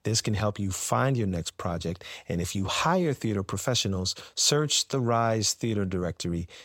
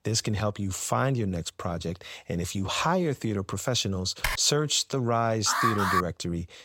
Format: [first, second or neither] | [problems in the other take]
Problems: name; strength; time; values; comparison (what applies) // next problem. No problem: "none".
first | keyboard typing; noticeable; at 4 s; peak 3 dB below the speech // alarm; loud; at 5.5 s; peak 3 dB above the speech